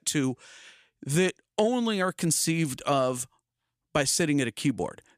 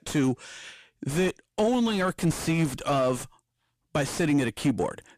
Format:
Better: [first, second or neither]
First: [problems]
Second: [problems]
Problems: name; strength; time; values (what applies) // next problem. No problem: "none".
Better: first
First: none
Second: distortion; heavy; 6 dB below the speech